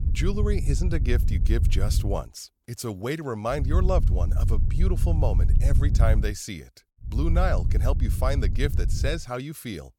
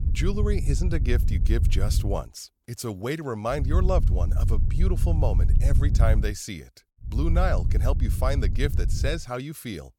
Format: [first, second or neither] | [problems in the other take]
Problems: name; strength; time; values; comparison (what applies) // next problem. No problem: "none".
neither | wind noise on the microphone; heavy; until 2 s, from 3.5 to 6 s and from 7 to 9 s; 10 dB below the speech; the same in both